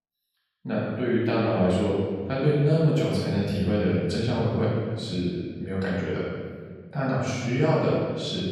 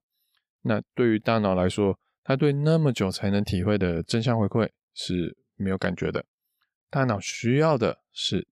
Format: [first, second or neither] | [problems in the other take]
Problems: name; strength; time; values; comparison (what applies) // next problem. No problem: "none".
second | room echo; strong; dies away in 1.6 s // off-mic speech; far